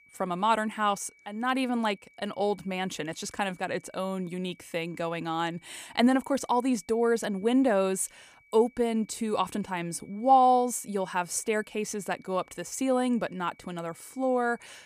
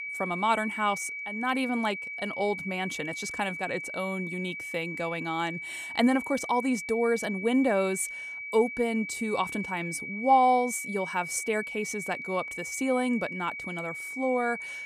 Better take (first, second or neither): first